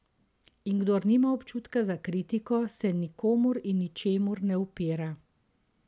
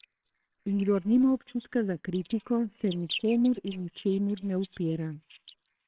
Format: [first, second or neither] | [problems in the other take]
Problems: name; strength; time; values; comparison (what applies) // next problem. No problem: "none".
first | noise reduction (neural separator model SepFormer WHAMR!)